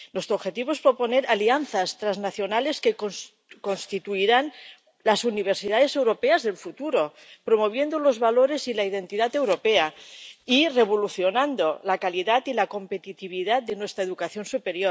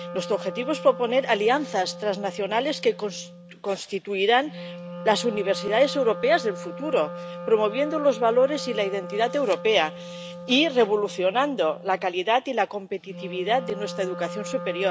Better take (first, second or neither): first